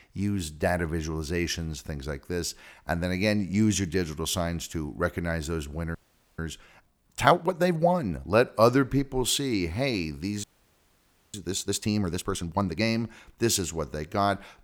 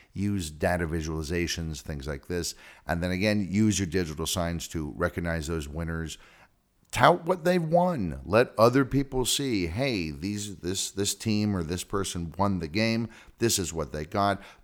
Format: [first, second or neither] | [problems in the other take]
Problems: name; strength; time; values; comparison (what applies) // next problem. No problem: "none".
second | audio freezing; at 6 s and at 10 s for 1 s